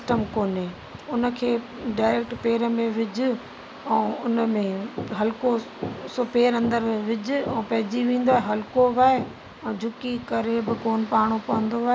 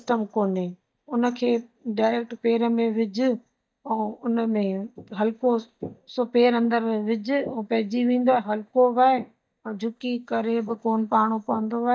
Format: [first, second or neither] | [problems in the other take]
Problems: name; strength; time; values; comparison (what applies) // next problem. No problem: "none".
first | noise reduction (neural mask model DeepFilterNet 3)